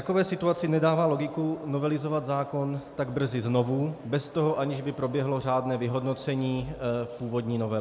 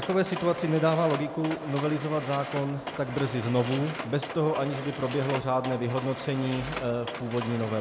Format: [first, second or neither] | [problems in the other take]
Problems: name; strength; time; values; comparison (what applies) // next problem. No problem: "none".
first | background sound (Mechanisms); 10 dB below the speech